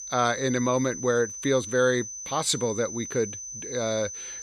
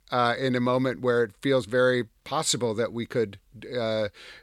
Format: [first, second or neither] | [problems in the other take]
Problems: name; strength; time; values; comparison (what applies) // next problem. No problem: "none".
second | high-pitched whine; loud; throughout; 6 kHz, 8 dB below the speech